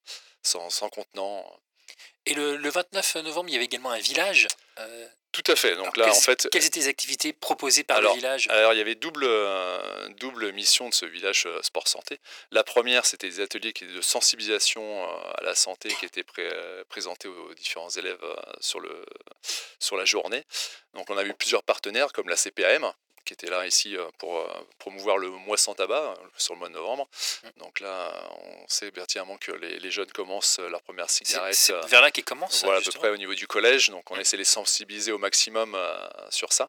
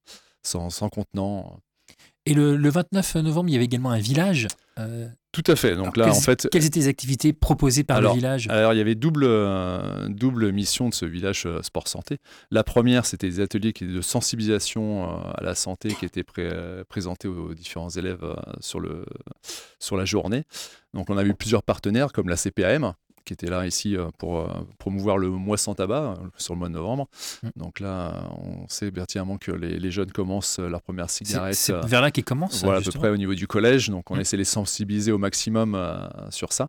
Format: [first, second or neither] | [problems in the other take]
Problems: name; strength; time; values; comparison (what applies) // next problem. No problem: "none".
second | thin; very; fading below 450 Hz